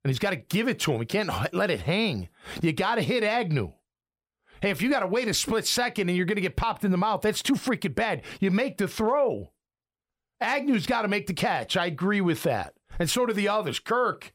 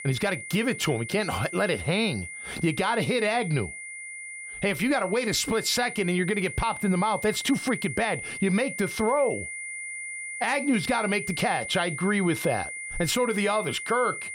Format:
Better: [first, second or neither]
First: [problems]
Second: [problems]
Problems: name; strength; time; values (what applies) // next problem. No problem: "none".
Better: first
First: none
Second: high-pitched whine; loud; throughout; 2 kHz, 8 dB below the speech